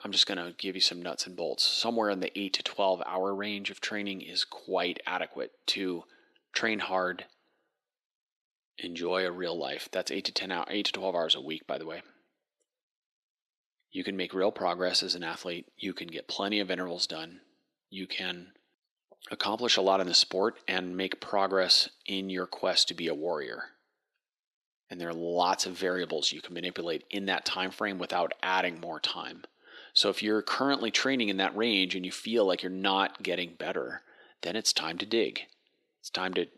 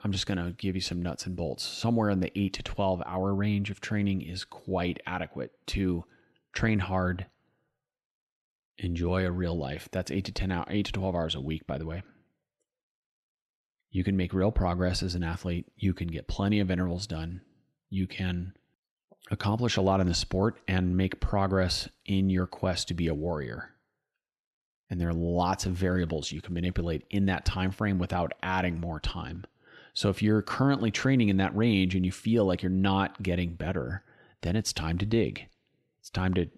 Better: second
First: thin; somewhat; fading below 350 Hz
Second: none

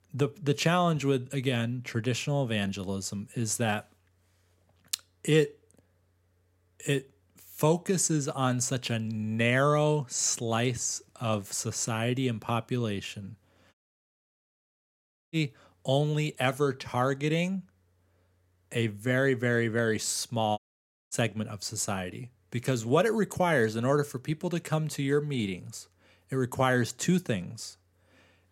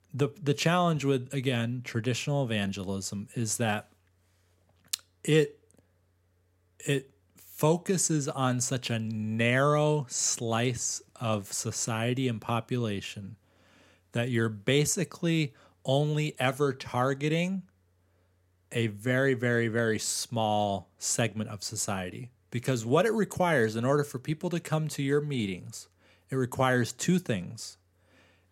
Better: second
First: audio cutting out; at 14 s for 1.5 s and at 21 s for 0.5 s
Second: none

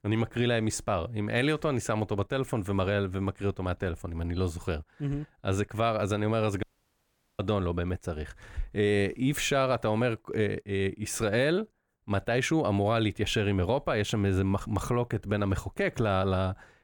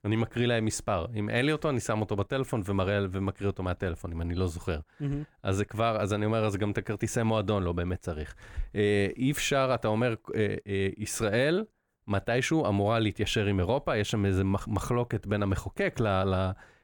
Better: second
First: audio cutting out; at 6.5 s for 1 s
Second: none

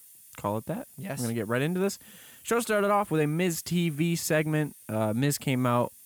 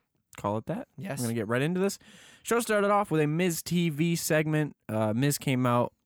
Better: second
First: hiss; faint; throughout; 20 dB below the speech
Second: none

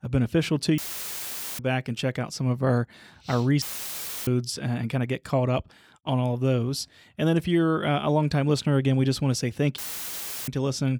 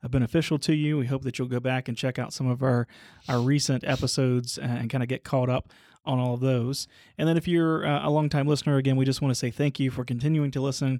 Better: second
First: audio cutting out; filled with static; at 1 s for 1 s, at 3.5 s for 0.5 s and at 10 s for 0.5 s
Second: none

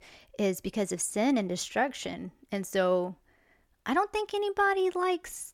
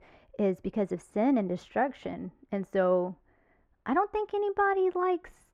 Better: first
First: none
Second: muffled; very; fading above 3 kHz

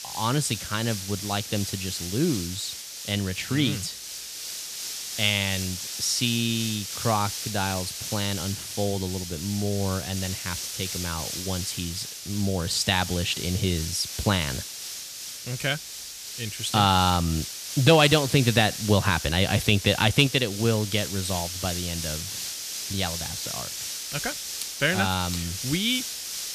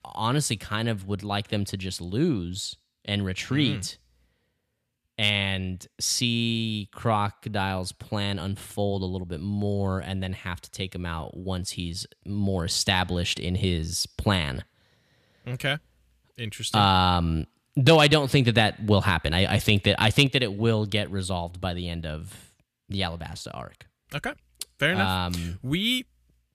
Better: second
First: hiss; loud; throughout; 6 dB below the speech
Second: none

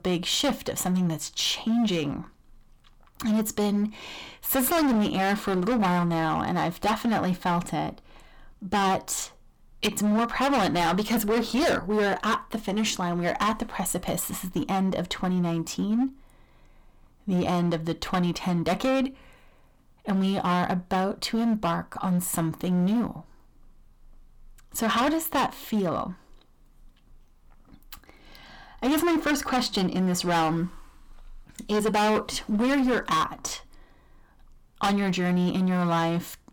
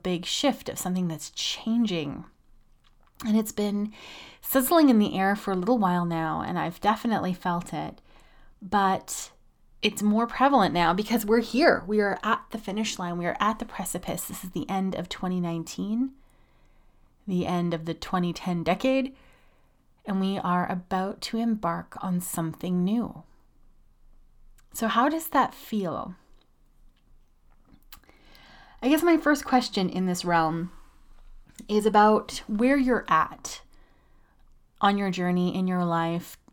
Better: second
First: distortion; heavy; 13% of the sound clipped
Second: none

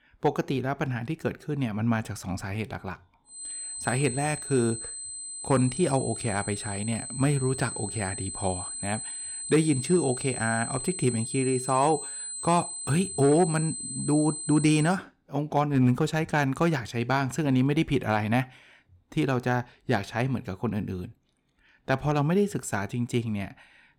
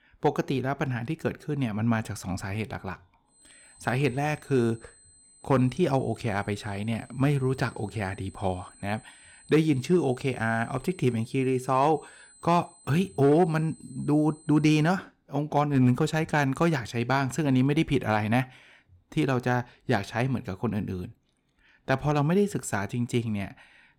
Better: second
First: high-pitched whine; loud; from 3.5 to 15 s; 8 kHz, 6 dB below the speech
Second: high-pitched whine; faint; from 3.5 to 15 s; 8 kHz, 25 dB below the speech

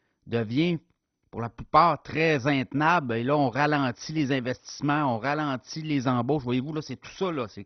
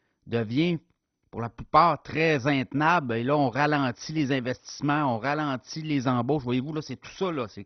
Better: neither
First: garbled, watery; badly; nothing above 6 kHz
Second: garbled, watery; badly; nothing above 6 kHz

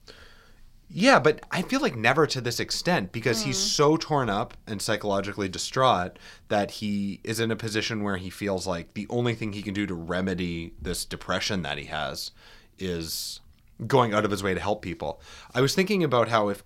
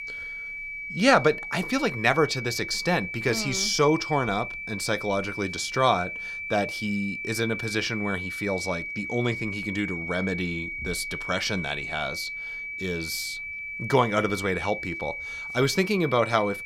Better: first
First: none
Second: high-pitched whine; loud; throughout; 2.5 kHz, 6 dB below the speech

